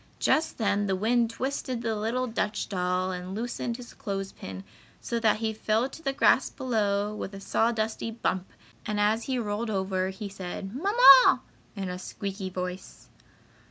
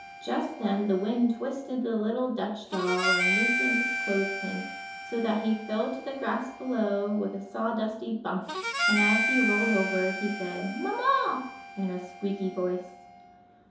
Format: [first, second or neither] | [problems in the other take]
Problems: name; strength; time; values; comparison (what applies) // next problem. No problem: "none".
first | background sound (Harmonica); 3 dB below the speech // room echo; dies away in 2.8 s